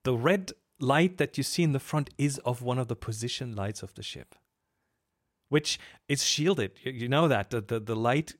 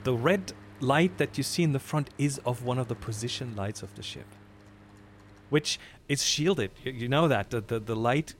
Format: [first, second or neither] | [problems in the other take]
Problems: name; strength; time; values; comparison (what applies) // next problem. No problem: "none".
first | machinery noise; faint; throughout; 20 dB below the speech